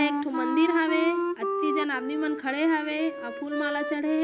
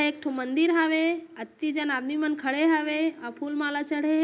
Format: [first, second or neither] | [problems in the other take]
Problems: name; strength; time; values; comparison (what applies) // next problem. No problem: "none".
second | background sound (Wind instrument, woodwind instrument); 3 dB below the speech